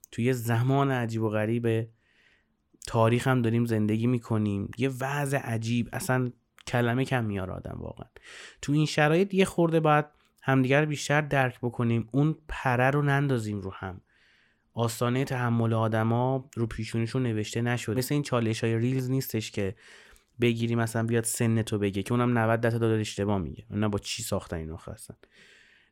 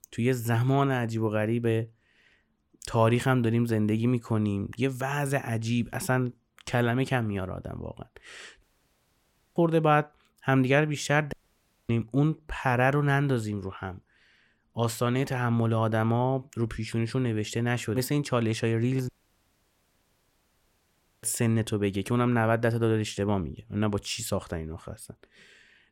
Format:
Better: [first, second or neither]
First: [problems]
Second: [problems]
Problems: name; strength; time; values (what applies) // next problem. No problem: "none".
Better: first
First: none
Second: audio cutting out; at 8.5 s for 1 s, at 11 s for 0.5 s and at 19 s for 2 s